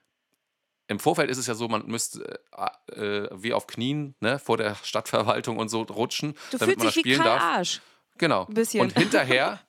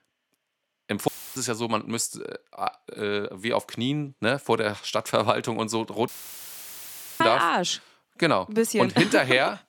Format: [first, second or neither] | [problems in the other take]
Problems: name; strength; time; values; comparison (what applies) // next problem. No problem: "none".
first | audio cutting out; filled with static; at 1 s and at 6 s for 1 s